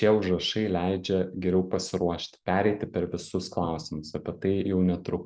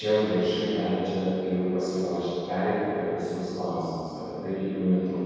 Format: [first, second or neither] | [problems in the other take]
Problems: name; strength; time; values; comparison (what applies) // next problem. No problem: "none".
first | room echo; dies away in 2.2 s